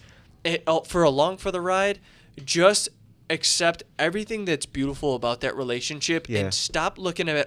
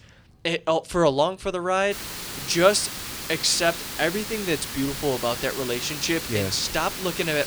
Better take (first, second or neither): first